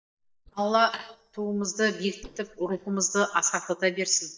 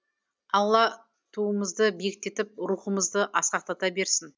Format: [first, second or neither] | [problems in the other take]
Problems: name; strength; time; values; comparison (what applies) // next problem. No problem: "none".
second | noise reduction (neural mask model DeepFilterNet 3)